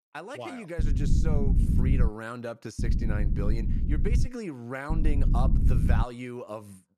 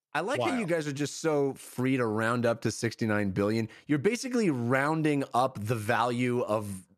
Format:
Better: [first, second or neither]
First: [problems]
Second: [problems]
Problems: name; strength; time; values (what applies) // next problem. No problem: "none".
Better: second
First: low rumble; loud; from 1 to 2 s, from 3 to 4.5 s and from 5 to 6 s; 3 dB below the speech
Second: none